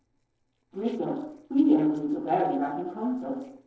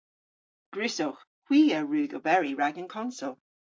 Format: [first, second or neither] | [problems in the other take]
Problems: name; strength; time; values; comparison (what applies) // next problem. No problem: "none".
second | noise reduction (neural separator model SepFormer DNS4)